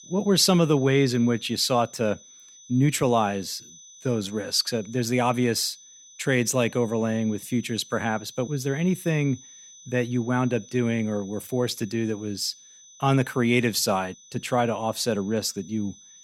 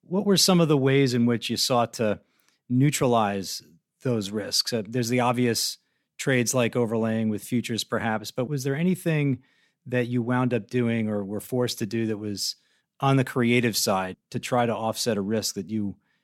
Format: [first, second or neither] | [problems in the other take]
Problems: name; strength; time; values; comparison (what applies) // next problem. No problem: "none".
second | high-pitched whine; faint; throughout; 6 kHz, 20 dB below the speech